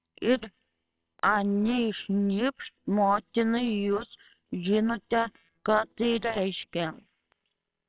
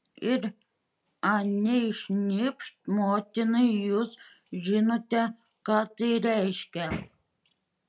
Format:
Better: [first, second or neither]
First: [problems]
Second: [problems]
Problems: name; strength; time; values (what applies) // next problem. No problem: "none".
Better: second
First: noise reduction (neural separator model SepFormer WHAMR!)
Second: none